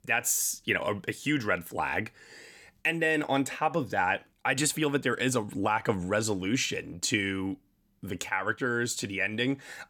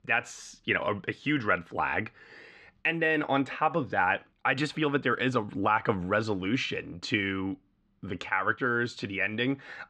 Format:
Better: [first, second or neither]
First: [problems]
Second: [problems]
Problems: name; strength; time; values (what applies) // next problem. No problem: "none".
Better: first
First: none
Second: muffled; slightly; fading above 4 kHz